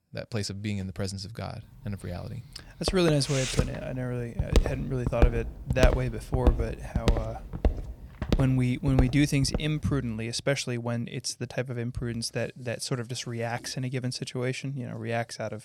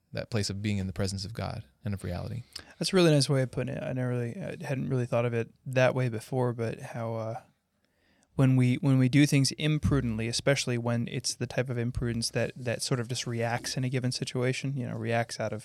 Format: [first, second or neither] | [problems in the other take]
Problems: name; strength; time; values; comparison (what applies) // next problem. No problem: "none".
second | footsteps; loud; from 3 to 9.5 s; peak 3 dB above the speech